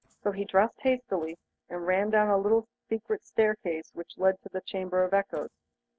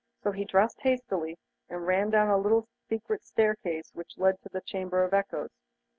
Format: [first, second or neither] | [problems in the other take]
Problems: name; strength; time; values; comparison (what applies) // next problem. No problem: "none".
second | noise reduction (neural separator model SepFormer DNS4)